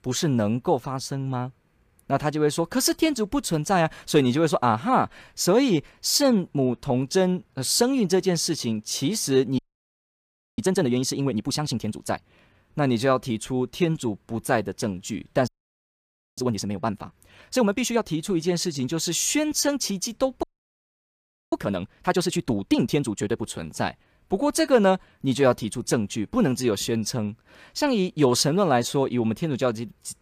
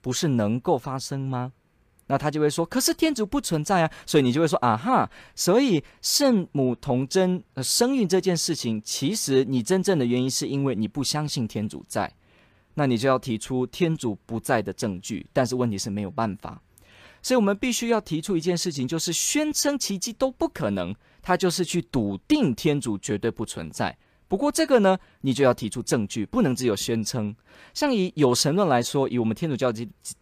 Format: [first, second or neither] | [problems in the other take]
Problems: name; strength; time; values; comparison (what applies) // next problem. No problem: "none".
second | audio freezing; at 9.5 s for 1 s, at 15 s for 1 s and at 20 s for 1 s